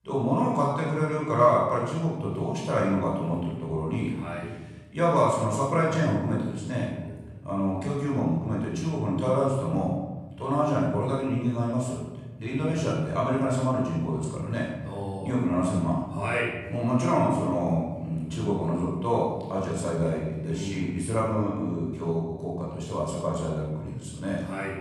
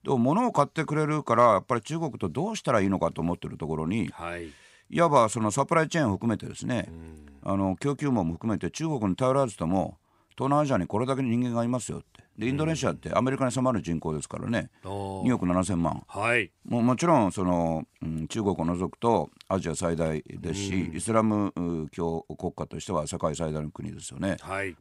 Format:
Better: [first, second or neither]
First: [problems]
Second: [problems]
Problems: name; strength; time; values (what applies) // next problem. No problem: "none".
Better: second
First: off-mic speech; far // room echo; noticeable; dies away in 1.5 s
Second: none